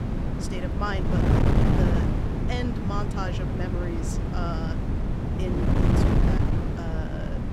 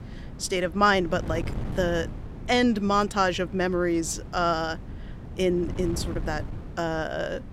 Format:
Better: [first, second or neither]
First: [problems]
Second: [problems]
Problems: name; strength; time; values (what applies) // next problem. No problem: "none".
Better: second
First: wind noise on the microphone; heavy; 3 dB above the speech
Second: wind noise on the microphone; occasional gusts; 20 dB below the speech